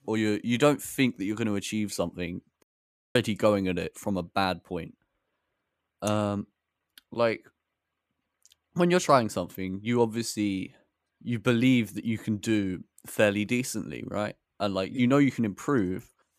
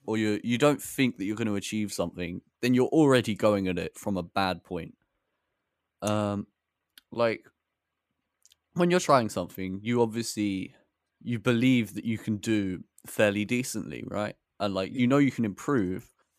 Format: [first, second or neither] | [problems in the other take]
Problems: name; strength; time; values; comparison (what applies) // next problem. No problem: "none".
second | audio cutting out; at 2.5 s for 0.5 s